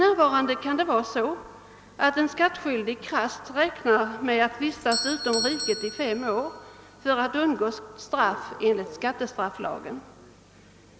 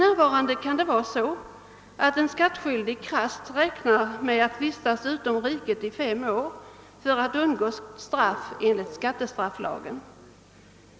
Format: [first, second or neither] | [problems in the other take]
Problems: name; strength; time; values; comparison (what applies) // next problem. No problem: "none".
second | background sound (Doorbell); 14 dB below the speech